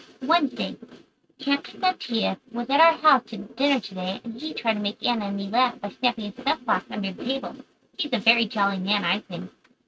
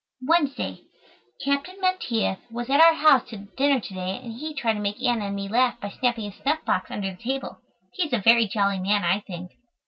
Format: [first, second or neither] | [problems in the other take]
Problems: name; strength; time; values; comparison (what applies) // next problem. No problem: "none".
second | noise reduction (neural mask model RNNoise)